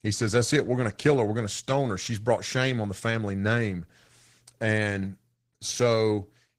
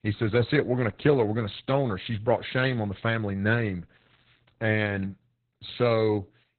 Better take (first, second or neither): first